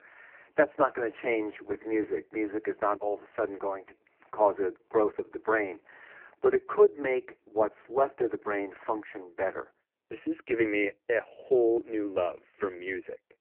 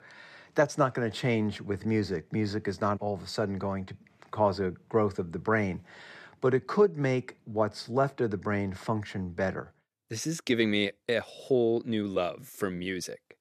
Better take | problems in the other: second | phone-call audio; poor line

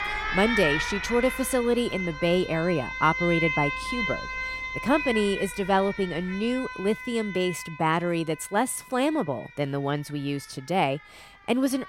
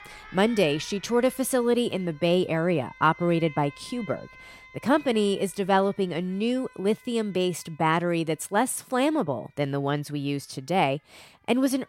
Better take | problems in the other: second | alarms or sirens; loud; throughout; 4 dB below the speech; faint in the second

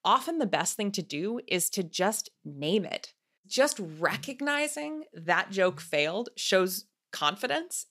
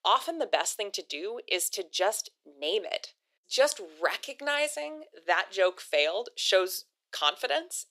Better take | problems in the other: first | thin; very; fading below 350 Hz

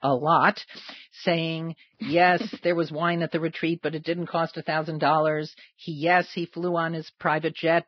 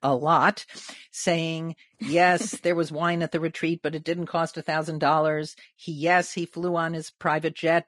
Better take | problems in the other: second | garbled, watery; badly; nothing above 5 kHz; slightly in the second

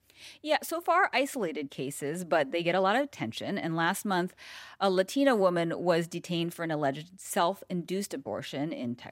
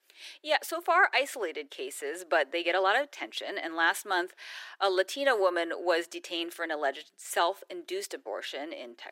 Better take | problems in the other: first | thin; very; fading below 350 Hz

